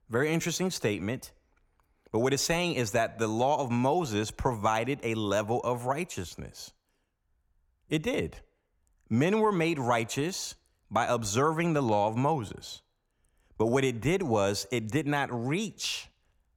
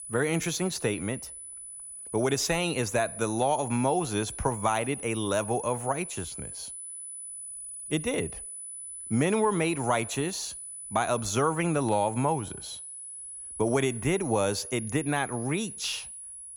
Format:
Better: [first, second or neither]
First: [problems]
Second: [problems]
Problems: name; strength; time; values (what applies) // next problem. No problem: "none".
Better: first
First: none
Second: high-pitched whine; loud; throughout; 10 kHz, 9 dB below the speech